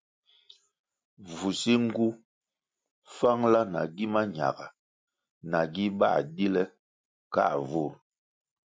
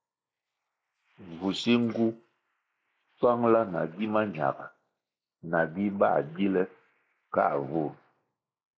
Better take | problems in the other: first | noise reduction (neural mask model Resemble Enhance denoiser)

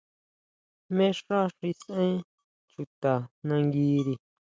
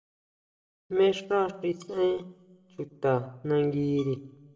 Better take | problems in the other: first | room echo; dies away in 1 s

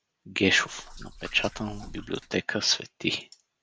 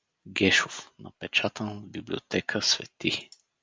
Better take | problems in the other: second | background sound (Liquid); 15 dB below the speech

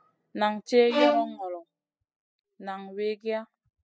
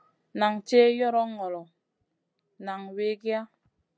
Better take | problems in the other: second | noise reduction (classical method spectral subtraction)

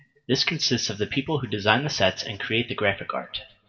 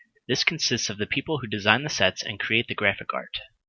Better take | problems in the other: second | room echo; dies away in 0.5 s

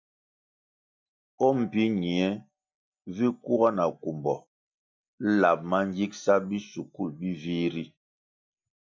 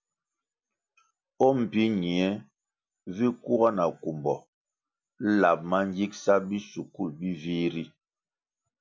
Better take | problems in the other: second | noise reduction (neural mask model DeepFilterNet 3)

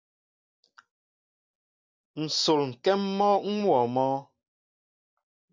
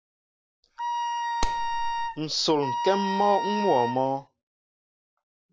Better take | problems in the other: first | background sound (Wind instrument, woodwind instrument + Clapping); as loud as the speech

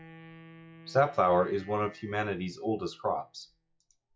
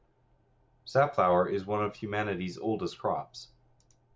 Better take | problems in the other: second | noise reduction (classical method log-MMSE)

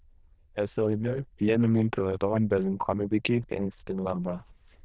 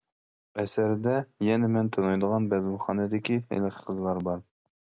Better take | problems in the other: second | noise reduction (neural diffusion model UNIVERSE++)

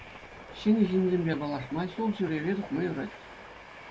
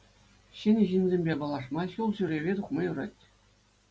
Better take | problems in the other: second | background sound (Train); 16 dB below the speech

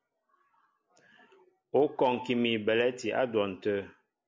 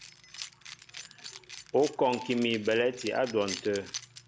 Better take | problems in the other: first | background sound (Keys jangling); 14 dB below the speech

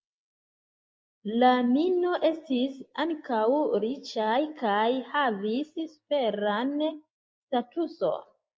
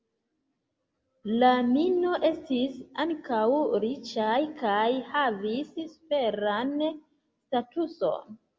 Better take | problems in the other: second | noise reduction (neural mask model Resemble Enhance denoiser)

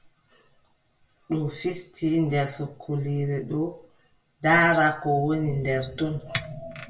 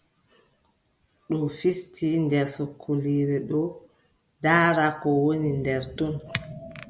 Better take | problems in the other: second | room echo; dies away in 0.2 s

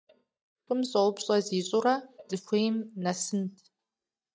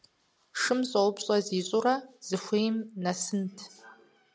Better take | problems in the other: second | noise reduction (neural mask model DeepFilterNet 3)

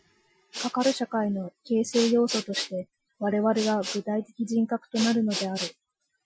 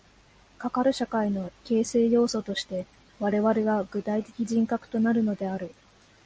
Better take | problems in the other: second | noise reduction (classical method Wiener filter)

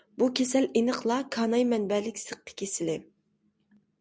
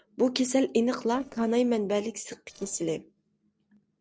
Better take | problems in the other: first | noise reduction (neural separator model SepFormer DNS4)

